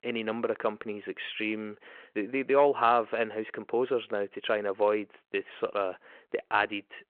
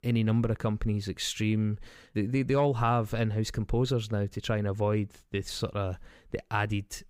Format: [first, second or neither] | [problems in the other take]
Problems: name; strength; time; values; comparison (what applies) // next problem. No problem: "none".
second | phone-call audio